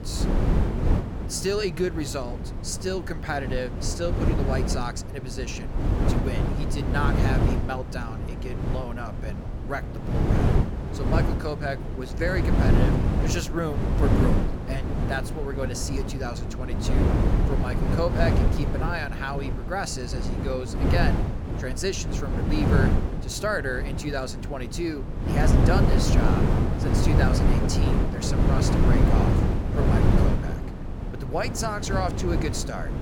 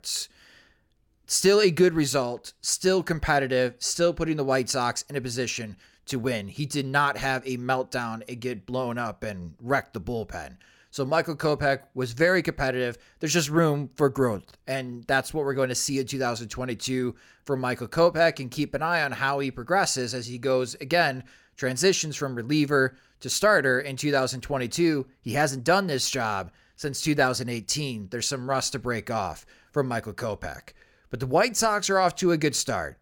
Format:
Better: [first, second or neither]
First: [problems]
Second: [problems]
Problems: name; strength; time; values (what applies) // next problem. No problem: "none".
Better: second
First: wind noise on the microphone; heavy; 1 dB below the speech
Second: none